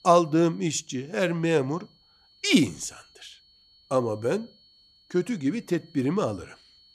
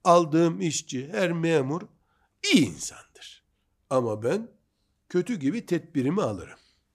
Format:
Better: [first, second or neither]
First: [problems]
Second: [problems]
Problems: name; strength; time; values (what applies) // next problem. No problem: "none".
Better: second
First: high-pitched whine; faint; throughout; 4.5 kHz, 30 dB below the speech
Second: none